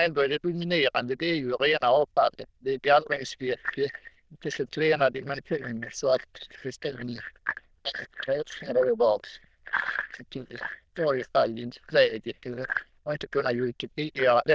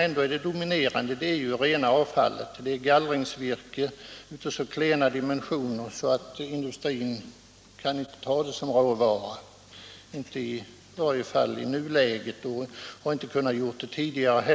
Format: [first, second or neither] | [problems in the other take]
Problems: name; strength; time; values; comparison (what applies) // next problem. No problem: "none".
second | noise reduction (neural diffusion model UNIVERSE++)